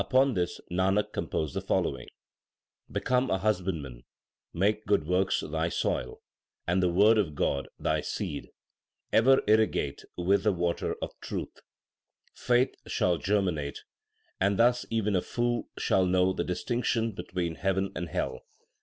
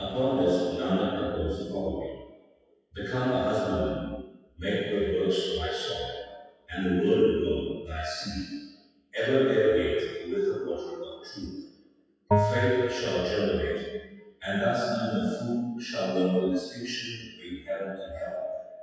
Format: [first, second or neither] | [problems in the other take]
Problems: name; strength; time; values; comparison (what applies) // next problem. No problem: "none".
first | noise reduction (classical method WPE with log-MMSE)